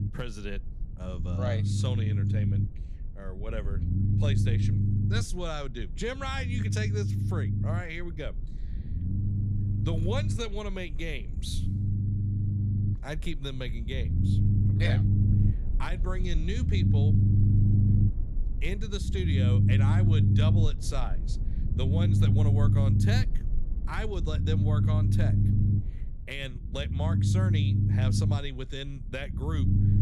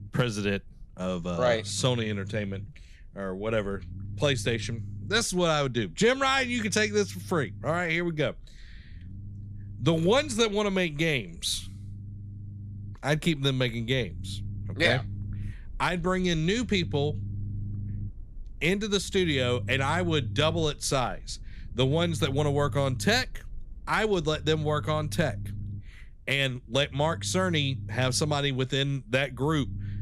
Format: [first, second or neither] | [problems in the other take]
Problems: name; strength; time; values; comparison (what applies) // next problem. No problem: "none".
second | low rumble; loud; throughout; 1 dB below the speech; faint in the second